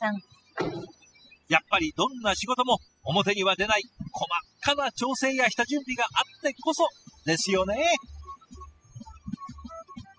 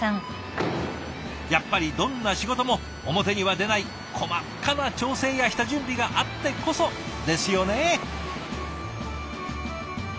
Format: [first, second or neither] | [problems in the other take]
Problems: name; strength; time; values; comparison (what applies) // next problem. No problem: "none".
second | noise reduction (classical method spectral subtraction)